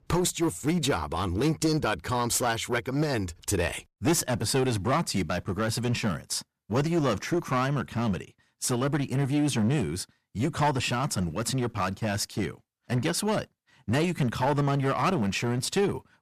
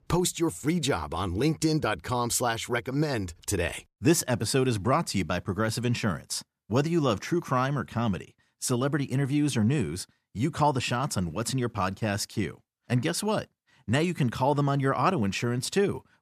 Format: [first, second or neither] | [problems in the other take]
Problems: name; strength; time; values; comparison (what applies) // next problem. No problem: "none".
second | distortion; slight; 9% of the sound clipped